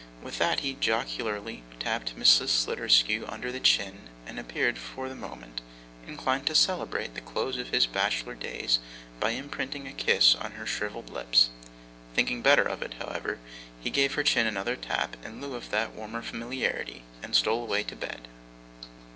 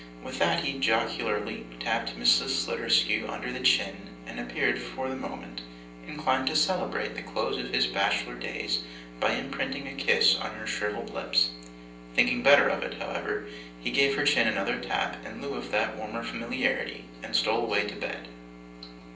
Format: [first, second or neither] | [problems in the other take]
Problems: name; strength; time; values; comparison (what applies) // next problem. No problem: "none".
first | room echo; dies away in 0.6 s